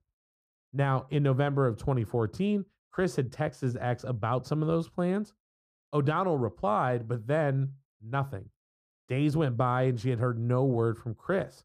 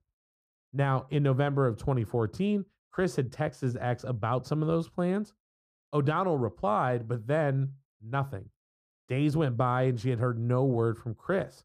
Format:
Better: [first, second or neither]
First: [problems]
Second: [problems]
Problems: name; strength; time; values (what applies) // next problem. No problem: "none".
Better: neither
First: muffled; very; fading above 1.5 kHz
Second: muffled; very; fading above 1.5 kHz